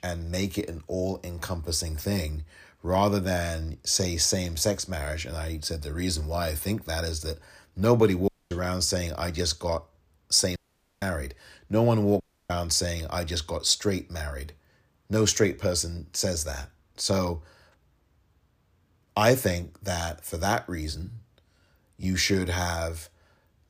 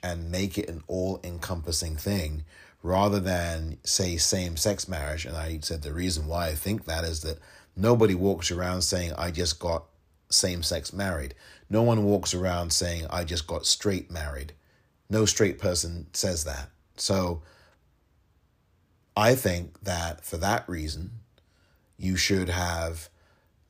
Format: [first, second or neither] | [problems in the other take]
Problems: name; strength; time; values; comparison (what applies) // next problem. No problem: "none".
second | audio cutting out; at 8.5 s, at 11 s and at 12 s